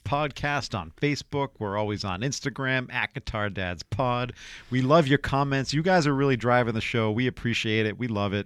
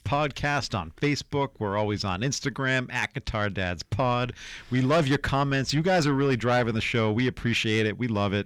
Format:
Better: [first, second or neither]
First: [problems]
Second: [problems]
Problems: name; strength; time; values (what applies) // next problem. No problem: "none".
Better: first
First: none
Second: distortion; slight; 10 dB below the speech